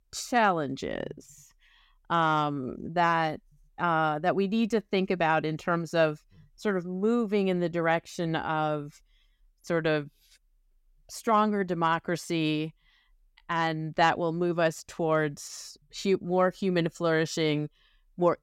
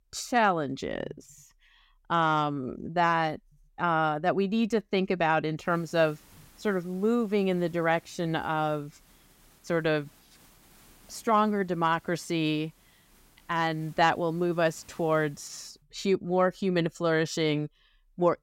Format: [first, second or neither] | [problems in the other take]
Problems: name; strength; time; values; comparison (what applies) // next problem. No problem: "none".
first | hiss; faint; from 5.5 to 16 s; 30 dB below the speech